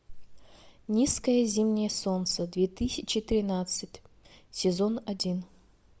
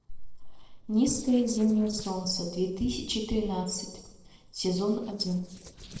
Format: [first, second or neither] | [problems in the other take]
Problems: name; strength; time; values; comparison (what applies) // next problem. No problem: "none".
first | noise reduction (neural separator model SepFormer DNS4)